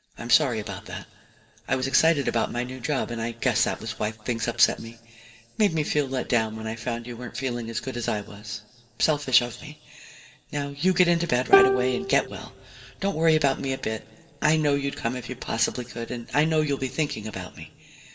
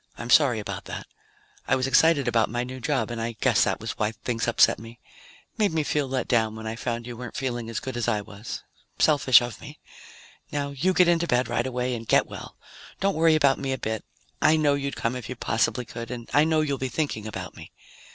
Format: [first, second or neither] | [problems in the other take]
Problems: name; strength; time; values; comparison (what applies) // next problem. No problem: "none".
second | background sound (Plucked string instrument); 1 dB above the speech // room echo; dies away in 1.9 s